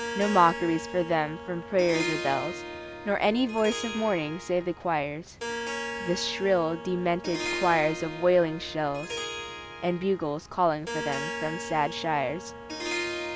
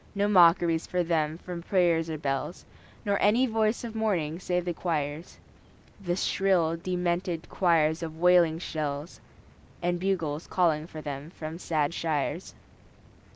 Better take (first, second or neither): second